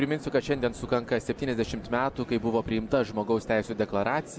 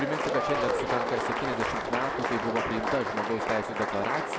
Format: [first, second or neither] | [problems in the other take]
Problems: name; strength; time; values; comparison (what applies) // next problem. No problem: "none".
first | background sound (Applause); 2 dB above the speech